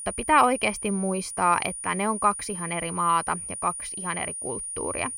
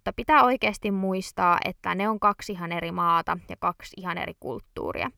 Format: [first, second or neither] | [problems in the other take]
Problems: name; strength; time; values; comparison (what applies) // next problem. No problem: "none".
second | high-pitched whine; loud; throughout; 9.5 kHz, 7 dB below the speech